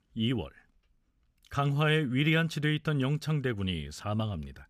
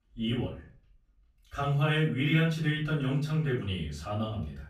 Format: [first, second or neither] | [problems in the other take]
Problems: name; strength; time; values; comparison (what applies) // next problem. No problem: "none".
first | off-mic speech; far // room echo; slight; dies away in 0.4 s